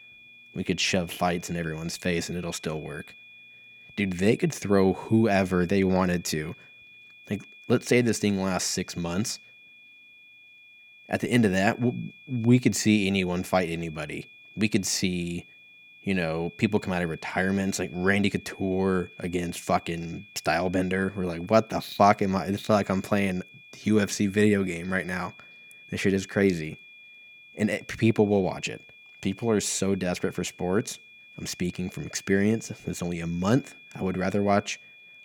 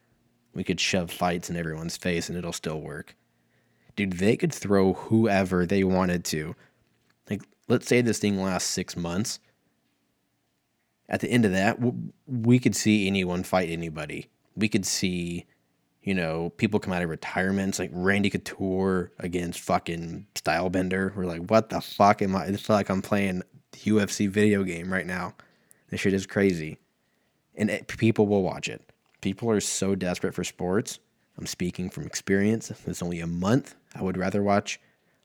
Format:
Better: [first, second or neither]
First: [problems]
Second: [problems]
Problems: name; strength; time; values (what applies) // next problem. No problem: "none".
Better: second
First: high-pitched whine; faint; throughout; 2.5 kHz, 20 dB below the speech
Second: none